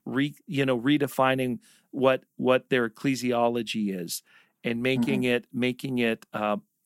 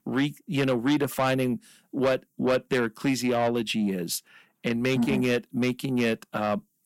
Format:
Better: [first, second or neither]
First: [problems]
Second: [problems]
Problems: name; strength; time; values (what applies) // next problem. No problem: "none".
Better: first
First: none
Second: distortion; slight; 10 dB below the speech